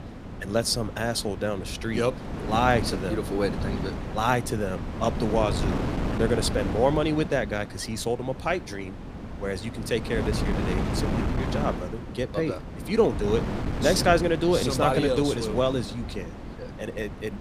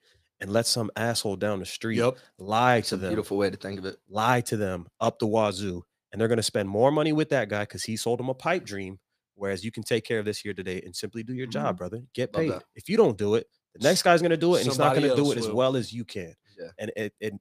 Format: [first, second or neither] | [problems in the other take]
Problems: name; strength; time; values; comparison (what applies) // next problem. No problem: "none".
second | wind noise on the microphone; heavy; 10 dB below the speech